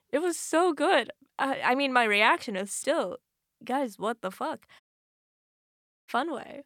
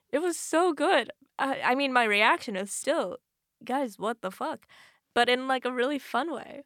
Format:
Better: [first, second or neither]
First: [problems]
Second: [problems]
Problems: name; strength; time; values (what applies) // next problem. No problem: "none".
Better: second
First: audio cutting out; at 5 s for 1.5 s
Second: none